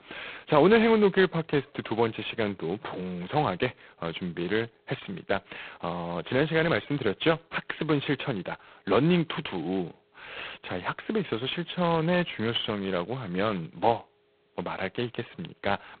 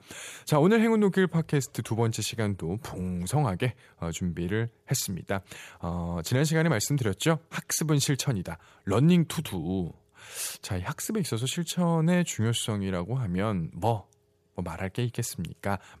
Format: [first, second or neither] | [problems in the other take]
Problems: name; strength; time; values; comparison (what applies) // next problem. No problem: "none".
second | phone-call audio; poor line; nothing above 4 kHz